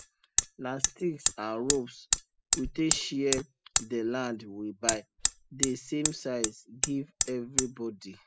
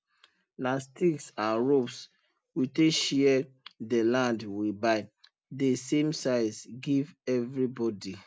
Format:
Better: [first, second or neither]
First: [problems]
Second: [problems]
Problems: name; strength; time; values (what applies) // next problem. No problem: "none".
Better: second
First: noise reduction (classical method spectral subtraction)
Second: none